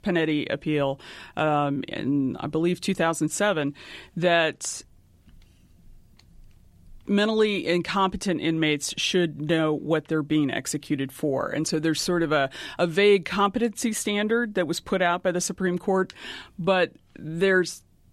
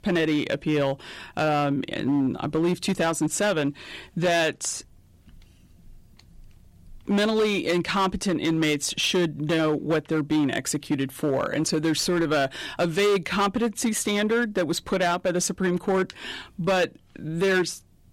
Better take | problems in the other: first | distortion; slight; 10% of the sound clipped

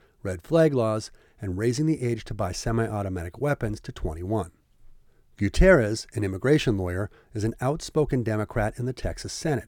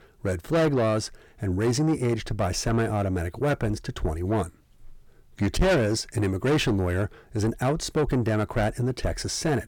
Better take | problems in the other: first | distortion; heavy; 7 dB below the speech

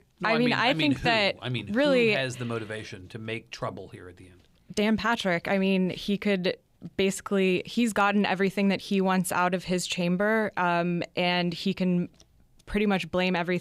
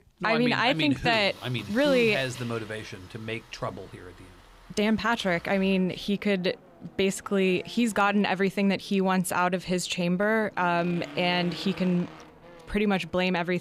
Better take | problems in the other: first | traffic noise; faint; throughout; 20 dB below the speech

